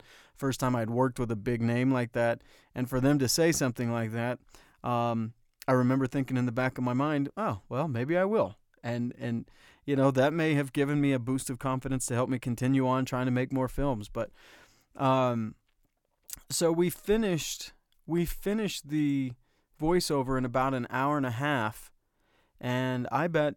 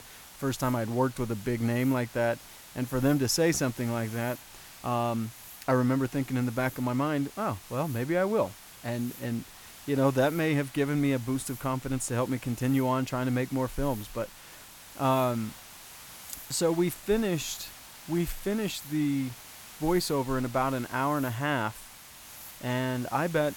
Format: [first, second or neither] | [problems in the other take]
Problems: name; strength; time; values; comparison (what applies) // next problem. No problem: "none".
first | hiss; noticeable; throughout; 15 dB below the speech